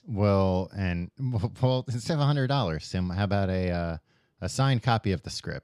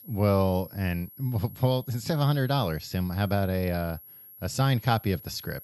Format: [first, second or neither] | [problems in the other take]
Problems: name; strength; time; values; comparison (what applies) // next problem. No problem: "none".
first | high-pitched whine; noticeable; throughout; 11.5 kHz, 20 dB below the speech